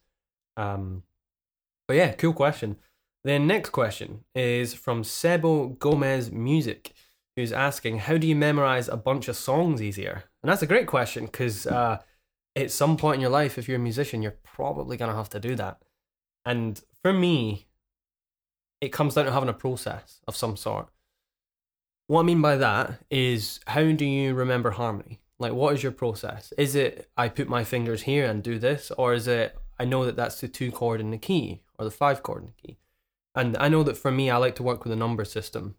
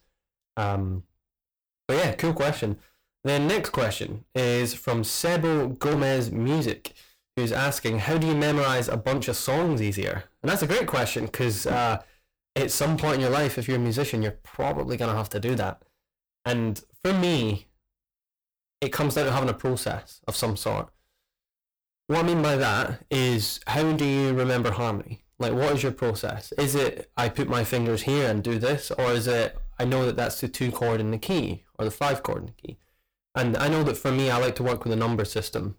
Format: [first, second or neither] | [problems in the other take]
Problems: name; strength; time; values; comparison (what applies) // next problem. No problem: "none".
first | distortion; heavy; 23% of the sound clipped